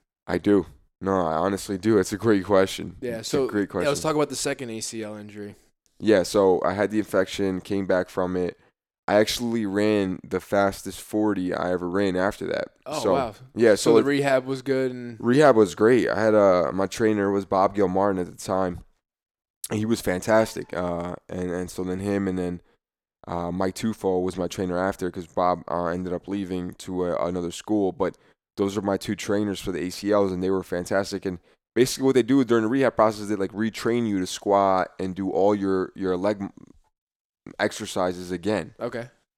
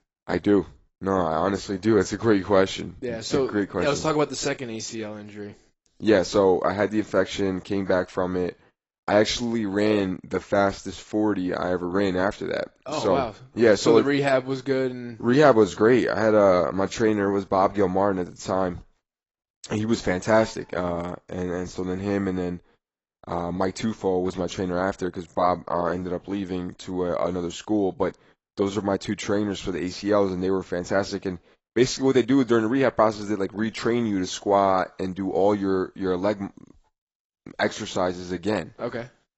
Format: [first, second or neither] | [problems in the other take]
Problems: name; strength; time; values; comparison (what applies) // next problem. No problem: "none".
first | garbled, watery; badly; nothing above 8 kHz